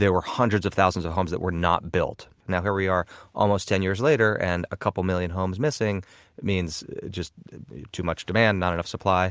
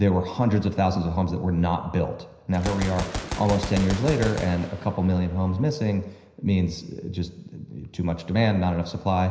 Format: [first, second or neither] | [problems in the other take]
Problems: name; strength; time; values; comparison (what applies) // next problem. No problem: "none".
first | background sound (Gunshot, gunfire); 13 dB below the speech // room echo; dies away in 0.9 s